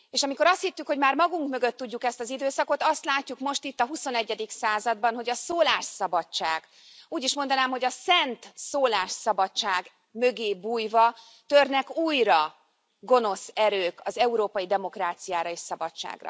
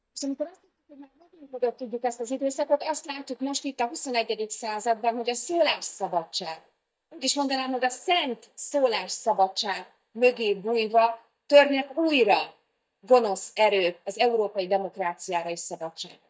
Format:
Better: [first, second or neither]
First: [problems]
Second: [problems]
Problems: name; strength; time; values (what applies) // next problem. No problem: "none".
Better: first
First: none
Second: noise reduction (neural mask model DeepFilterNet 3)